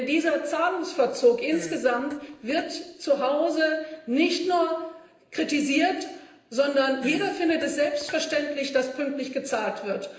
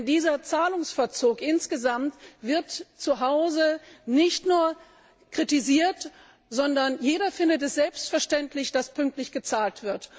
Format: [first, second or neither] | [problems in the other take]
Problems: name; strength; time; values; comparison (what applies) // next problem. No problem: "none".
second | noise reduction (neural separator model SepFormer DNS4)